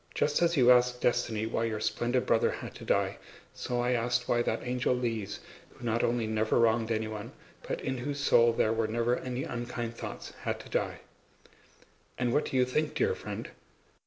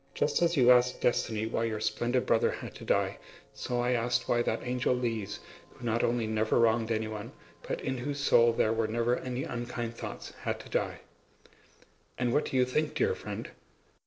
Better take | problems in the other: first | noise reduction (neural separator model SepFormer DNS4)

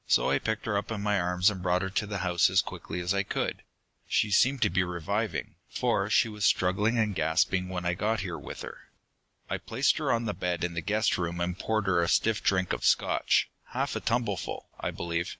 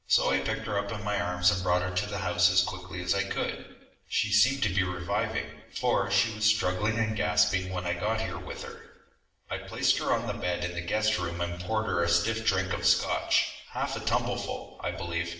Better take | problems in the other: first | room echo; dies away in 0.8 s

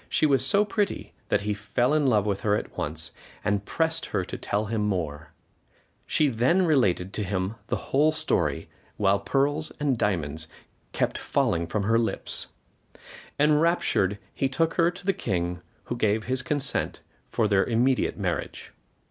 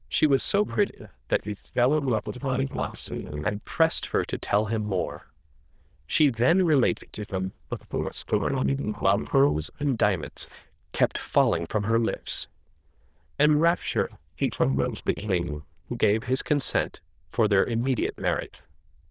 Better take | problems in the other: first | noise reduction (neural diffusion model UNIVERSE++)

